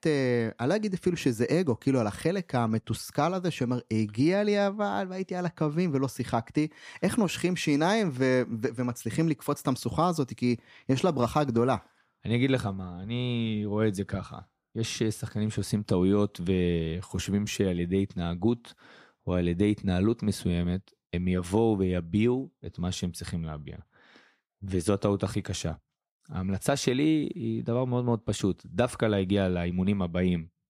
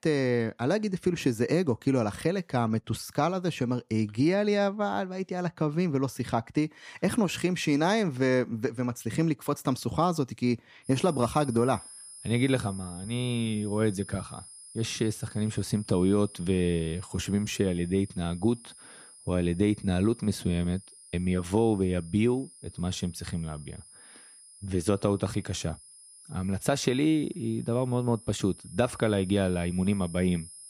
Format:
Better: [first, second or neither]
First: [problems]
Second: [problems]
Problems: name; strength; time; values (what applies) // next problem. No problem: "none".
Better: first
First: none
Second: high-pitched whine; noticeable; from 11 s on; 10.5 kHz, 20 dB below the speech